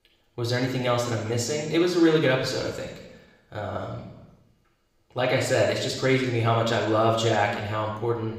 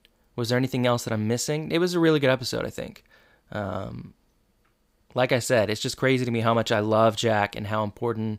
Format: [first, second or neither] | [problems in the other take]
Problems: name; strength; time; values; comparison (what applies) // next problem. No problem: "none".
second | room echo; noticeable; dies away in 0.9 s // off-mic speech; somewhat distant